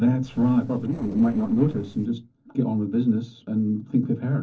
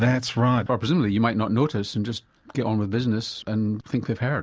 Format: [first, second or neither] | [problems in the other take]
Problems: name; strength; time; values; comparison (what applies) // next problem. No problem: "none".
second | noise reduction (neural separator model SepFormer DNS4)